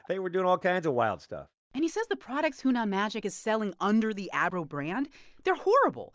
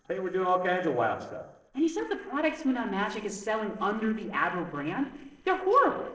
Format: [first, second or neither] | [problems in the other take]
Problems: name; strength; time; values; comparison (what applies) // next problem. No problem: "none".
first | noise reduction (neural separator model SepFormer DNS4)